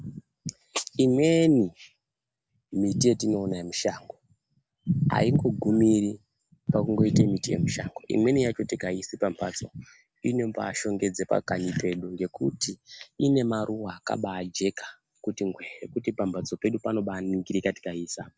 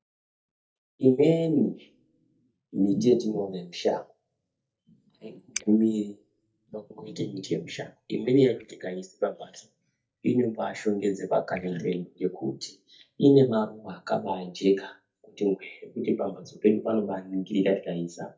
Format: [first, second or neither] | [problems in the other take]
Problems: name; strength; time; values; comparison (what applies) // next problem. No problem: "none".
first | noise reduction (neural mask model DeepFilterNet 3)